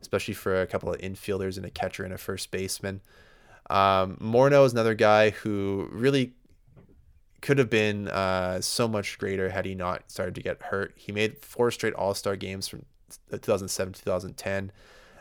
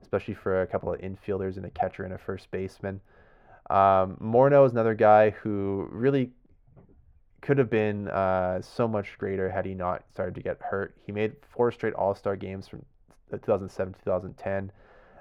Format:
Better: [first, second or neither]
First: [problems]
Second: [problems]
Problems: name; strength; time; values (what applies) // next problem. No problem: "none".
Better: first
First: none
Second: muffled; very; fading above 3.5 kHz